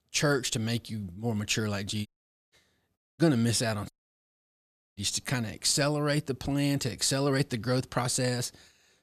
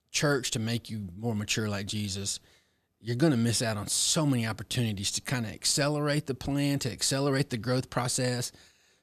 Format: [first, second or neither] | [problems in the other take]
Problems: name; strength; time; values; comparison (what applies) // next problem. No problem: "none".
second | audio cutting out; at 2 s, at 3 s and at 4 s for 1 s